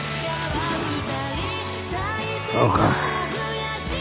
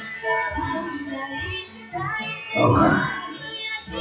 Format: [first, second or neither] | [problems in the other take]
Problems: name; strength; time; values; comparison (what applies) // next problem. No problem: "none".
first | noise reduction (classical method WPE with log-MMSE)